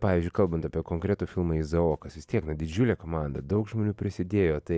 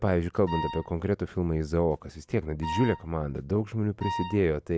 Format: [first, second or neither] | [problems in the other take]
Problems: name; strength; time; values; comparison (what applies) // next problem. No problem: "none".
first | background sound (Wind instrument, woodwind instrument); 8 dB below the speech